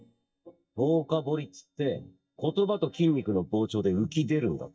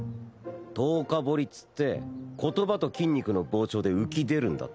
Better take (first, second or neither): second